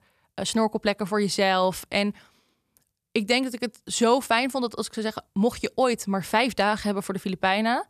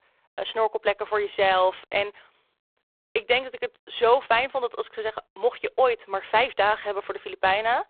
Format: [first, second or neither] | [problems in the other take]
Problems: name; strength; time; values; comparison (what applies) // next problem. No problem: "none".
first | phone-call audio; poor line